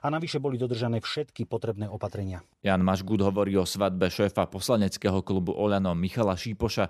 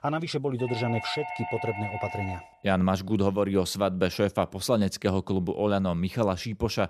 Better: first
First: none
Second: doorbell; noticeable; from 0.5 to 2.5 s; peak 6 dB below the speech

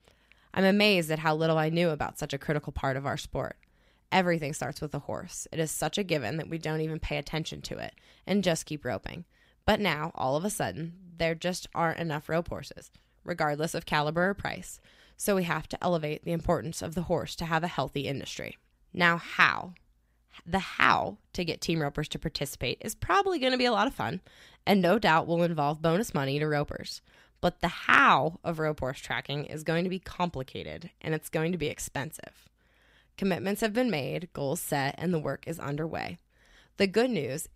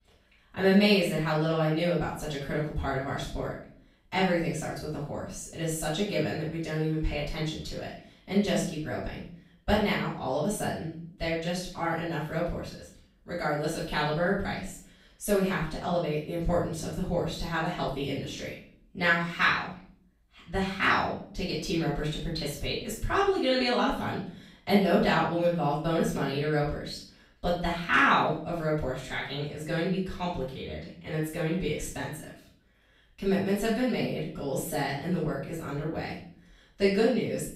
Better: first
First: none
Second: off-mic speech; far // room echo; noticeable; dies away in 0.5 s

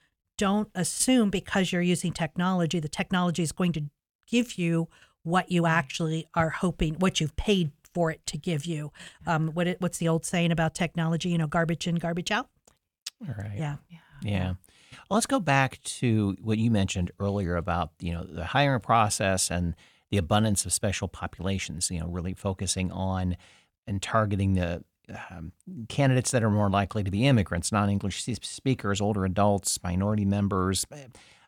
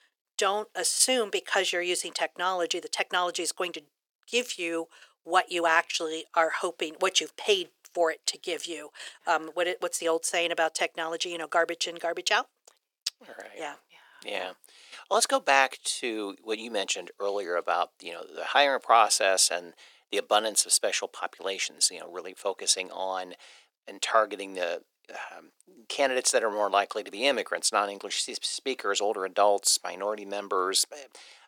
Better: first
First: none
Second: thin; very; fading below 350 Hz

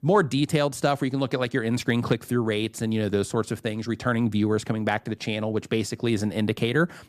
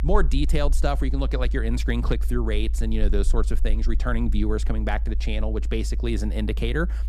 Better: first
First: none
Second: low rumble; noticeable; throughout; 20 dB below the speech

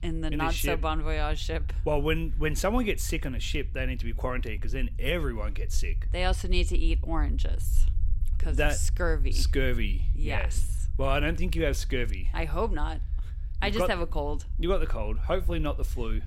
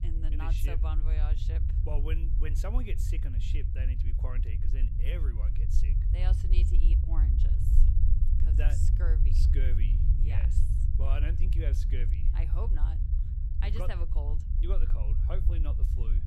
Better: first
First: low rumble; faint; throughout; 20 dB below the speech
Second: low rumble; loud; throughout; 3 dB below the speech

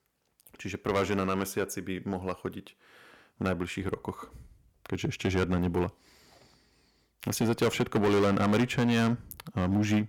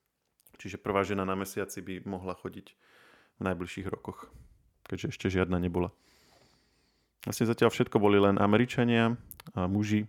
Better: second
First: distortion; heavy; 6% of the sound clipped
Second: none

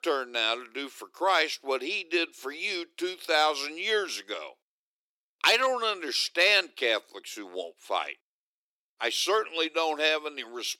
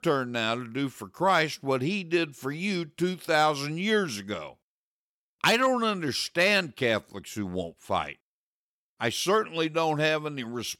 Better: second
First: thin; very; fading below 350 Hz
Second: none

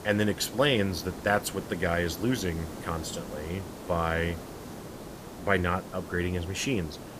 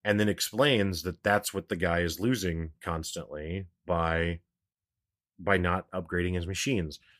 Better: second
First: hiss; noticeable; throughout; 10 dB below the speech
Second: none

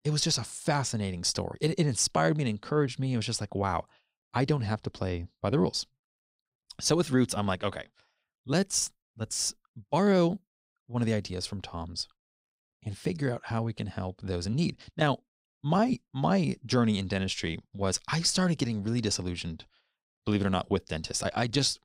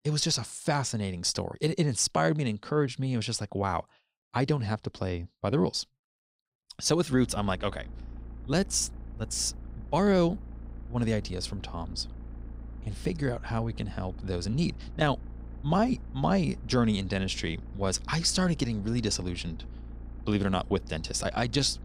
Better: first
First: none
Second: low rumble; faint; from 7 s on; 25 dB below the speech

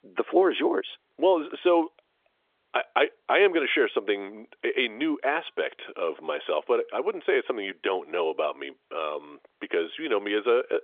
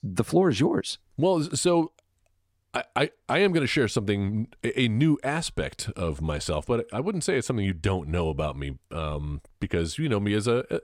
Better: second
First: phone-call audio; nothing above 3.5 kHz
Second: none

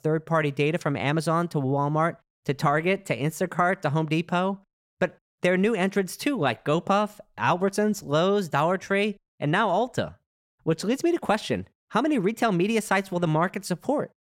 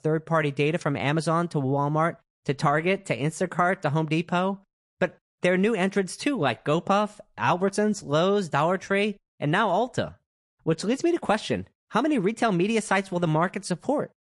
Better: first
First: none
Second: garbled, watery; slightly; nothing above 11 kHz

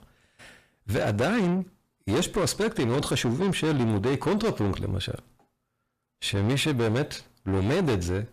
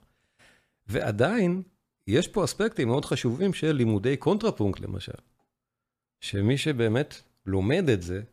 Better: second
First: distortion; heavy; 6 dB below the speech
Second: none

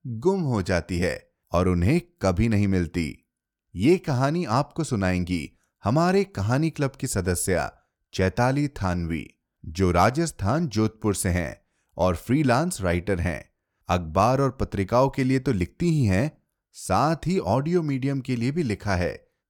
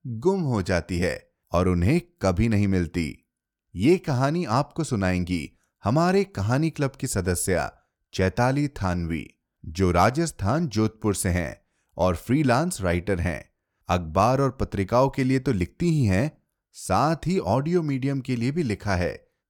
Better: neither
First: none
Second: none

